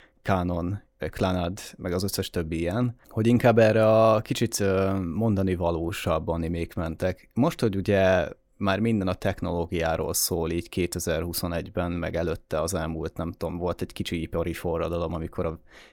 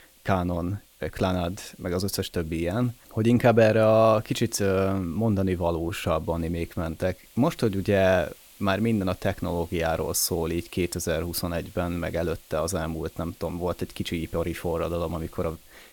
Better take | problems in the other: first | hiss; faint; throughout; 25 dB below the speech

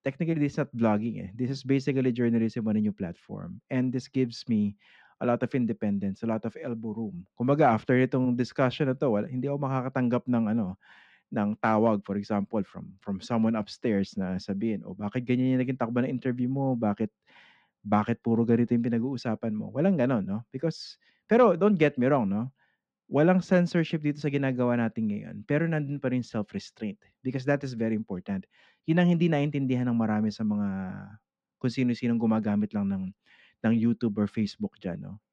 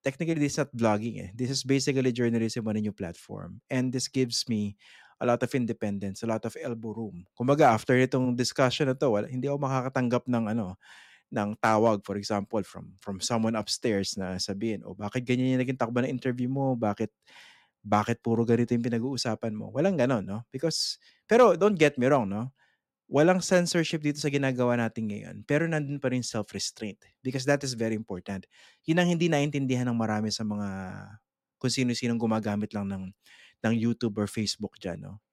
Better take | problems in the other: second | muffled; slightly; fading above 3 kHz

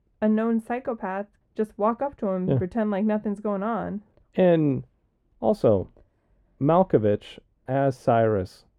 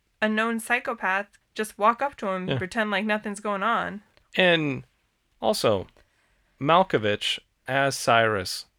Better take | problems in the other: second | muffled; very; fading above 1 kHz

